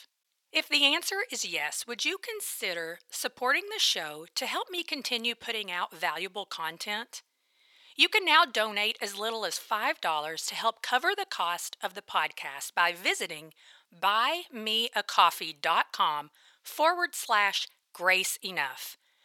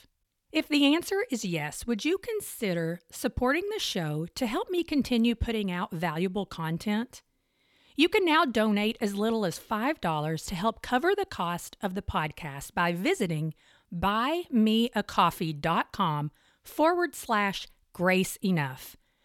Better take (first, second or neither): second